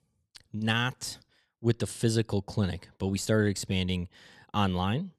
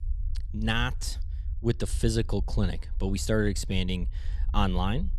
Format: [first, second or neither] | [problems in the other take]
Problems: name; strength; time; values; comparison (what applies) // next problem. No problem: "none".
first | low rumble; faint; throughout; 25 dB below the speech